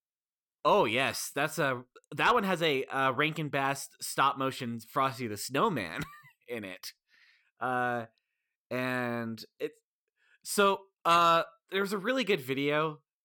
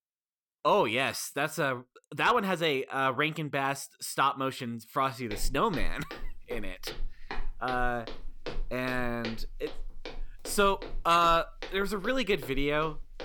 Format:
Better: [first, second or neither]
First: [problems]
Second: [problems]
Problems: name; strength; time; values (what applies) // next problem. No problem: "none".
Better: first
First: none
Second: footsteps; faint; from 5.5 s on; peak 10 dB below the speech